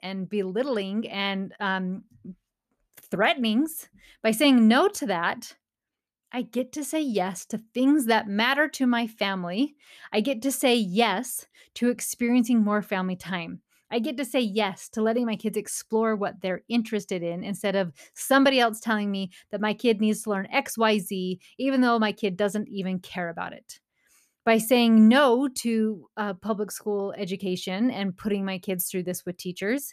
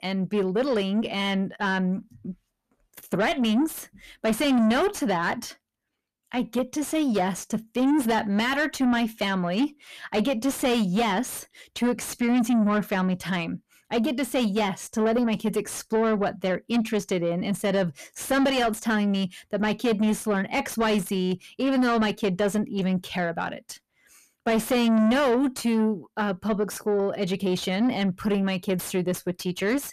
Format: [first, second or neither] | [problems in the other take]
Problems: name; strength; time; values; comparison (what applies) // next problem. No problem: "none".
first | distortion; heavy; 7 dB below the speech